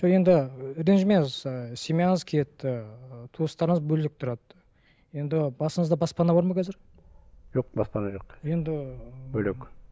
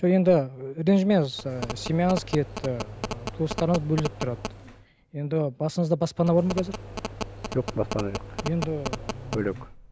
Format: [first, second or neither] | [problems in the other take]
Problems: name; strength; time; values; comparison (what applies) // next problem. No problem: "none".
first | background sound (Telephone); 9 dB below the speech